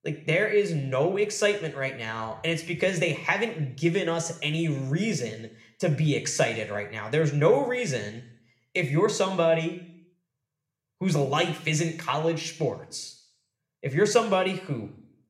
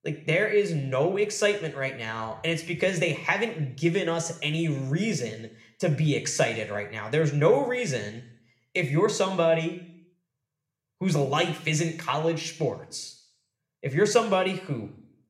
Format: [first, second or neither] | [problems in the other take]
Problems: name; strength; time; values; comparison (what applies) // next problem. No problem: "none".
neither | room echo; slight; dies away in 0.6 s; the same in both